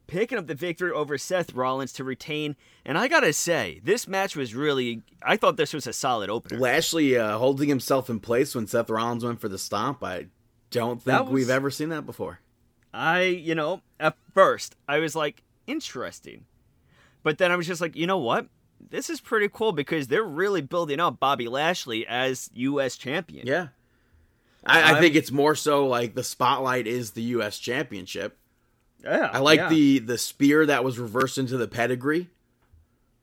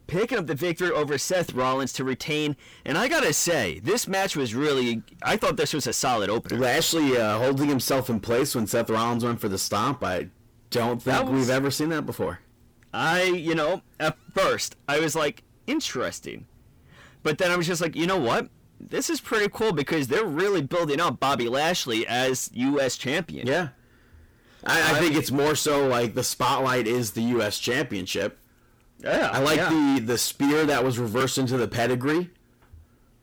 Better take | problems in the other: first | distortion; heavy; 6 dB below the speech

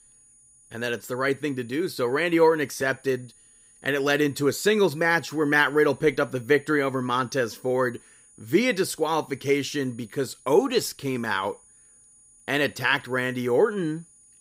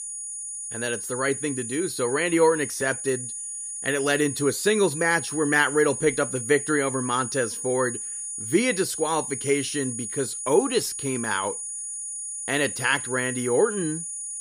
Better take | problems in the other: first | high-pitched whine; loud; throughout; 9.5 kHz, 6 dB below the speech; faint in the first

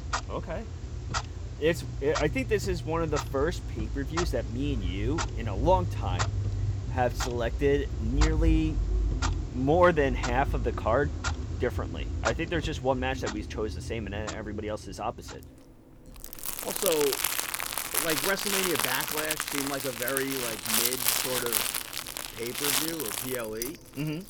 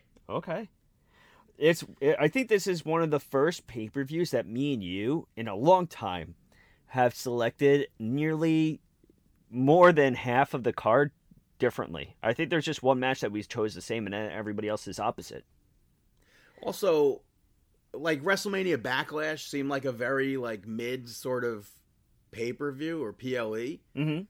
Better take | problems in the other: second | household noises; loud; throughout; as loud as the speech

